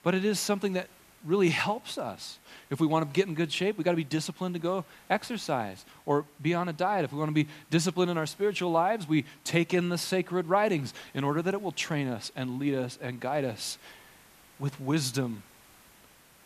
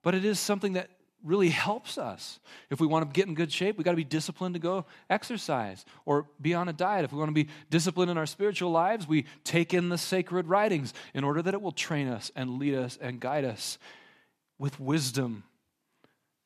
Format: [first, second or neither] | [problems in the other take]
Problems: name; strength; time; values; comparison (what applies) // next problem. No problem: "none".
second | hiss; faint; throughout; 25 dB below the speech